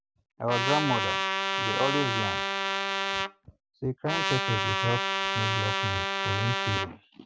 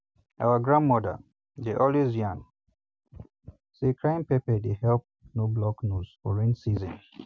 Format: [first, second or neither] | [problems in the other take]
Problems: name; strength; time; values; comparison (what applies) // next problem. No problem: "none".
second | background sound (Trumpet); 3 dB above the speech